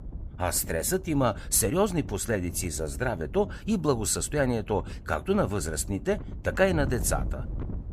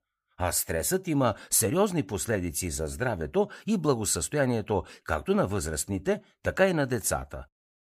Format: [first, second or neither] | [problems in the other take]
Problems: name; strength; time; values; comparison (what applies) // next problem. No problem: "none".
second | wind noise on the microphone; occasional gusts; 20 dB below the speech